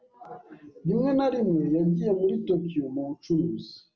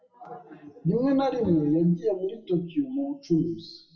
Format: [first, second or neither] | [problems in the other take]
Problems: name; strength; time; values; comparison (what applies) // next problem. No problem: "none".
first | noise reduction (classical method WPE with log-MMSE)